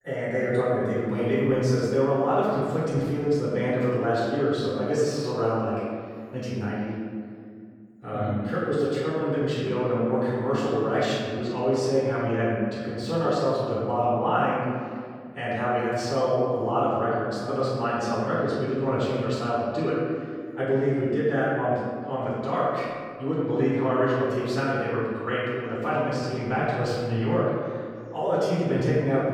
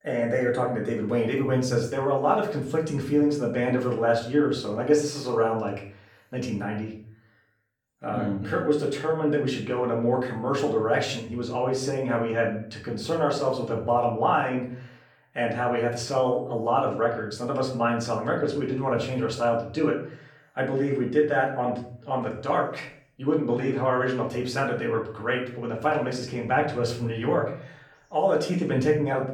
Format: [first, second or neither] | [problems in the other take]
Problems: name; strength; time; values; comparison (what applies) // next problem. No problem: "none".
second | room echo; strong; dies away in 1.9 s; slight in the second // off-mic speech; far; far in the second